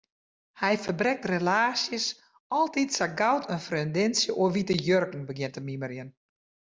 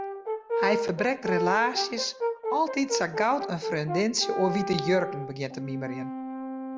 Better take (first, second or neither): first